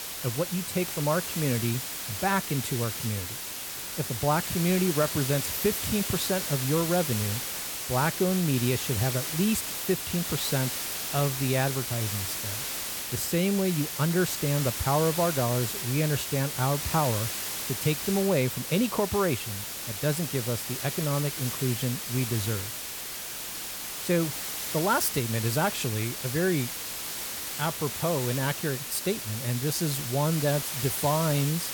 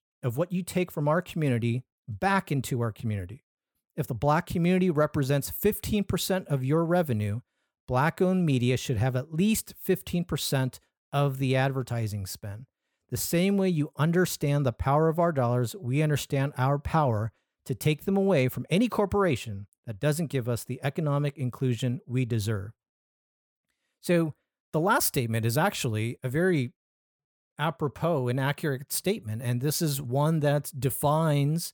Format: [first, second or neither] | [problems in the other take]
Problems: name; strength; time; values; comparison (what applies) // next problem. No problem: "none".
second | hiss; loud; throughout; 3 dB below the speech